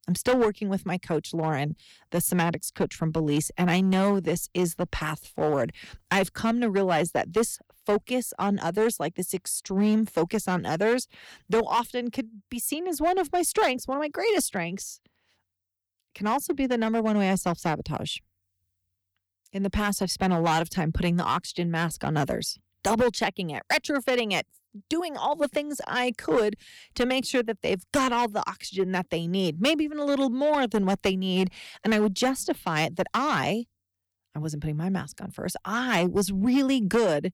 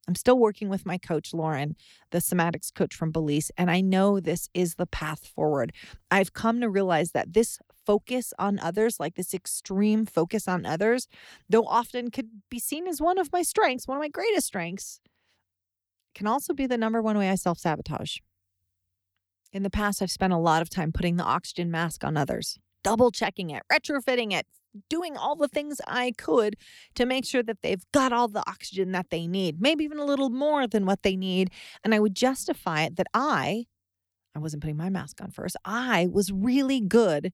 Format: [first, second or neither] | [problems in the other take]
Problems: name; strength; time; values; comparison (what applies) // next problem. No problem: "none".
second | distortion; slight; 5% of the sound clipped